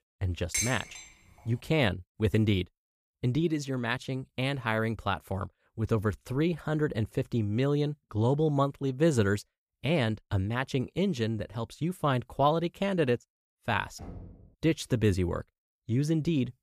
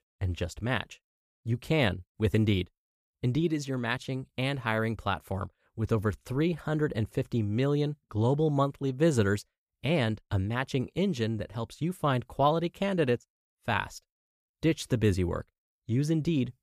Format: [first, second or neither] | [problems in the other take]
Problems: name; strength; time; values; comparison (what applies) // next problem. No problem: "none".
second | clattering dishes; noticeable; at 0.5 s; peak 1 dB below the speech // door banging; faint; at 14 s; peak 15 dB below the speech